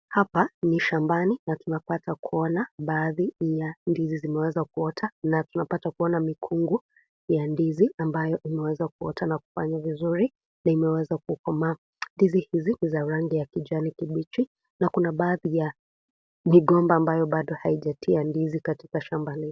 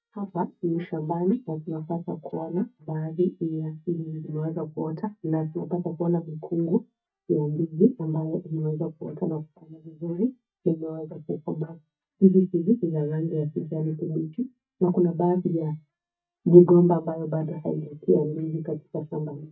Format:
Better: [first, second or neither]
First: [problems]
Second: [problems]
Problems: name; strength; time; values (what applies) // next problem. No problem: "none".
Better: first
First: none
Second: noise reduction (neural mask model DeepFilterNet 3)